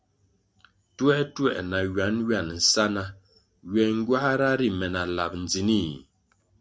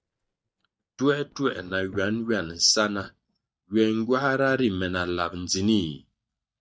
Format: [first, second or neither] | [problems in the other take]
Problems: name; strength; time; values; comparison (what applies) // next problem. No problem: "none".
first | noise reduction (neural mask model DeepFilterNet 3)